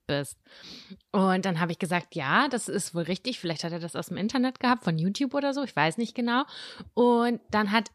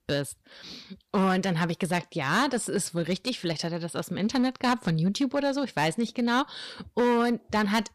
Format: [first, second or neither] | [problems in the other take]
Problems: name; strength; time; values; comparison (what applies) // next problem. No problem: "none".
first | distortion; slight; 6% of the sound clipped